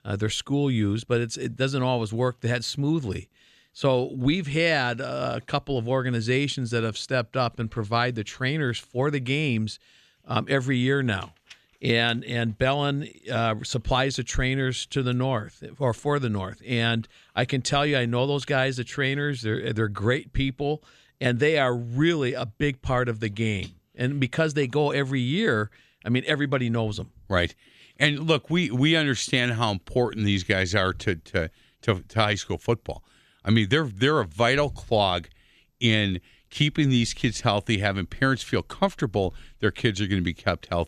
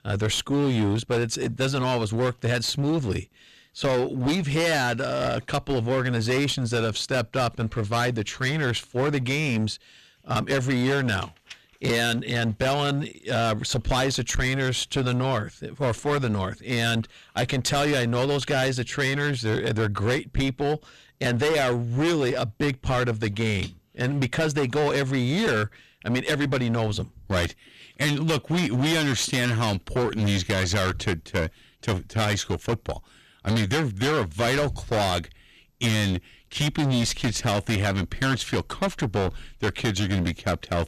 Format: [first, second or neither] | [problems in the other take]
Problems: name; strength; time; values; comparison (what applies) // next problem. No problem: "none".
first | distortion; heavy; 20% of the sound clipped